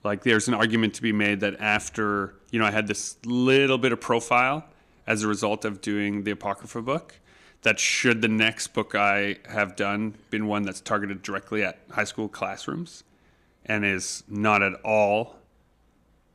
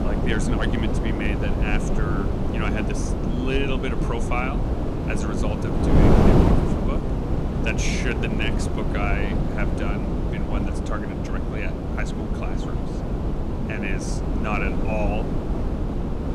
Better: first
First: none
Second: wind noise on the microphone; heavy; 1 dB above the speech

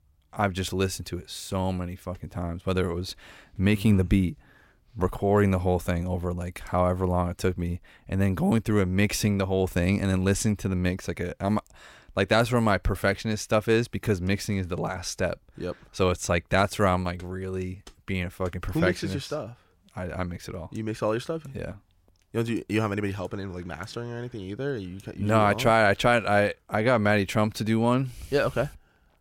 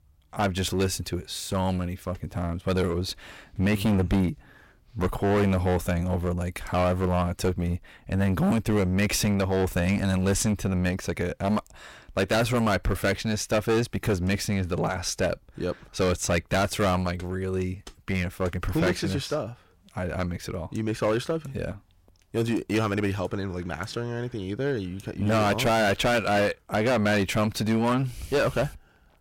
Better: first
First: none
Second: distortion; heavy; 11% of the sound clipped

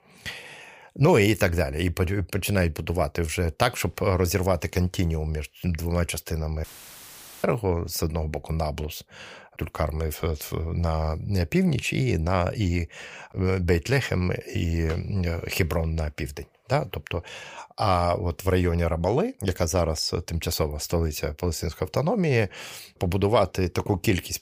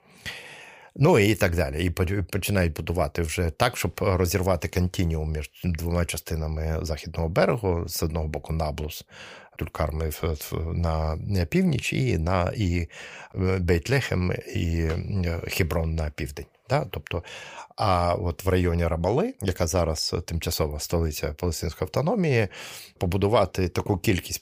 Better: second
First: audio cutting out; filled with static; at 6.5 s for 1 s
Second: none

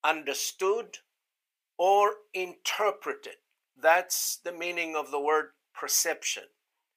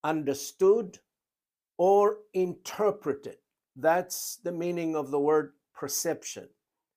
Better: second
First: thin; very; fading below 750 Hz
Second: none

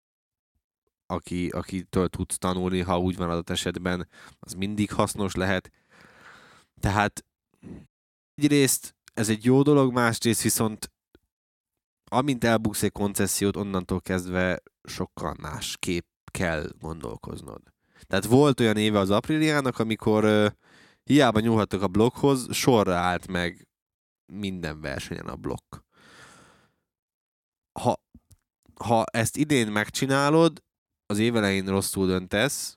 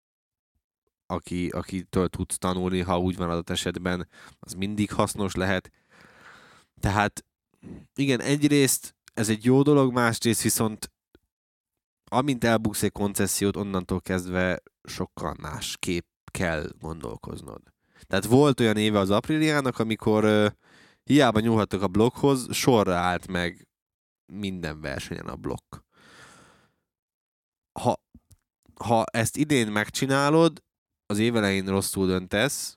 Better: second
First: audio cutting out; at 8 s for 0.5 s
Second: none

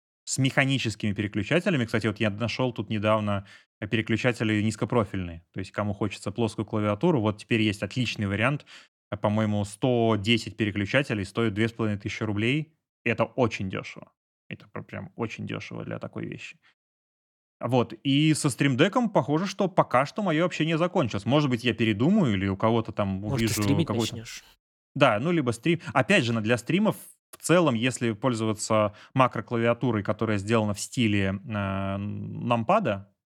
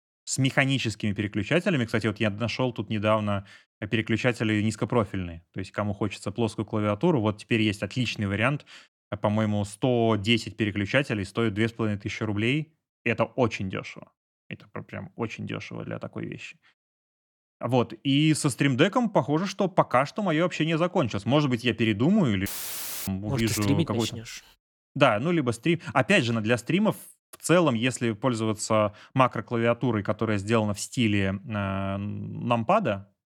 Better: first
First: none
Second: audio cutting out; filled with static; at 22 s for 0.5 s

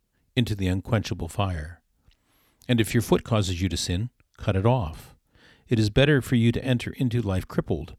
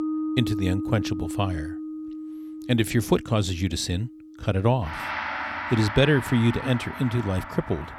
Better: first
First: none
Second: background music; loud; throughout; 8 dB below the speech

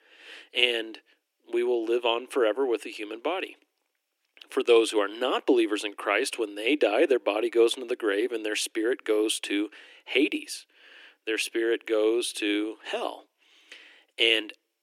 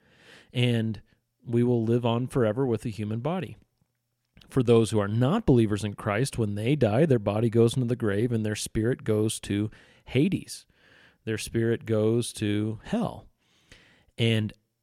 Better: second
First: thin; very; fading below 300 Hz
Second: none

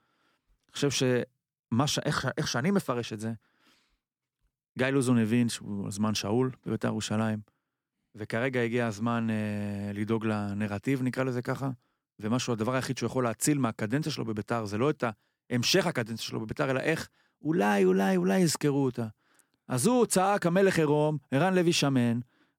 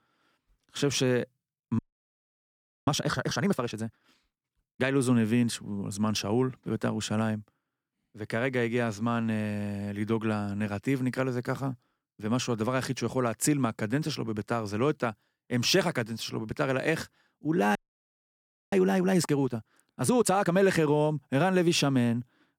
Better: first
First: none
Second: audio freezing; at 2 s for 1 s and at 18 s for 1 s

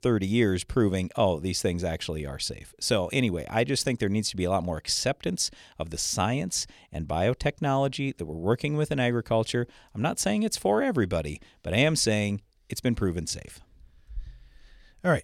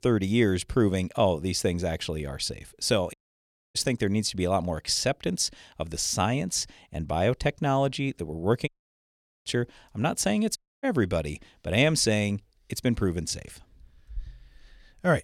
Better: first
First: none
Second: audio cutting out; at 3 s for 0.5 s, at 8.5 s for 1 s and at 11 s

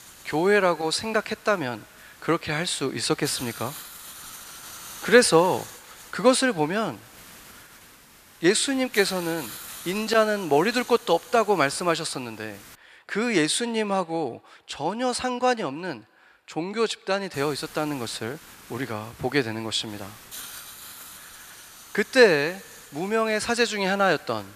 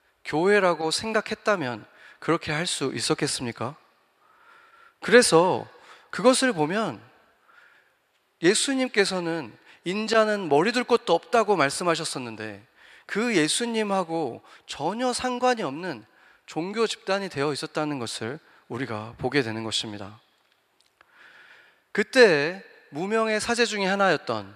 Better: second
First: hiss; noticeable; until 13 s and from 17 s on; 20 dB below the speech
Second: none

